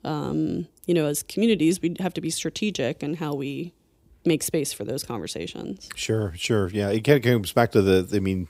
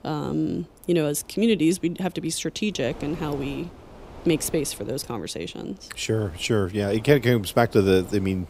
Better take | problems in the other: first | wind noise on the microphone; occasional gusts; 20 dB below the speech

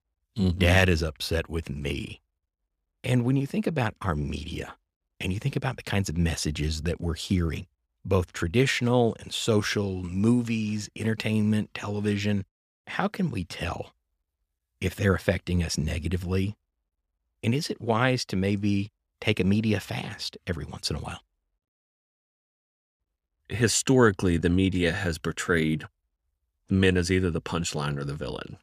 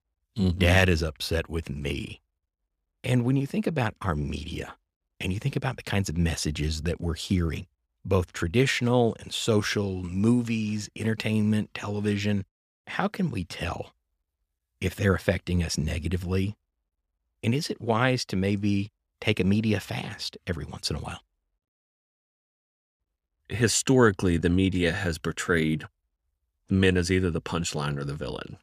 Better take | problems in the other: neither | none

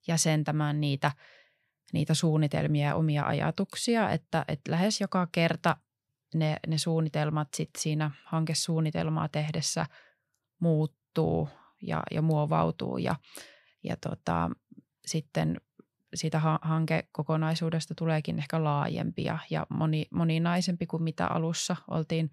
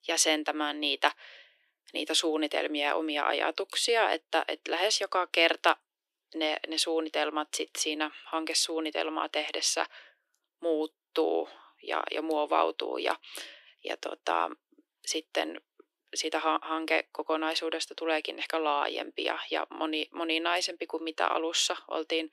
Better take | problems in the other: first | thin; very; fading below 300 Hz

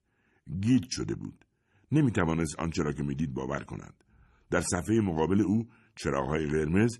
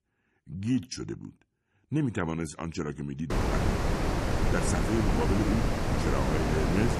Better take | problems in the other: first | wind noise on the microphone; heavy; from 3.5 s on; 3 dB above the speech

